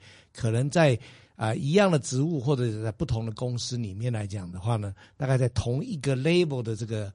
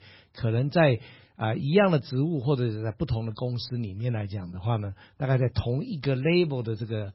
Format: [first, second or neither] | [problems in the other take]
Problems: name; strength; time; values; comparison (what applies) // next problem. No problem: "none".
first | garbled, watery; badly; nothing above 5.5 kHz; slightly in the first